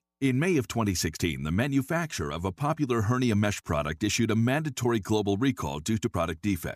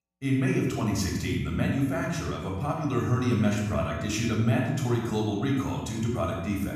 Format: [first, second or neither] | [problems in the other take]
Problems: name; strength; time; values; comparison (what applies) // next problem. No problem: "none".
first | off-mic speech; far // room echo; noticeable; dies away in 1 s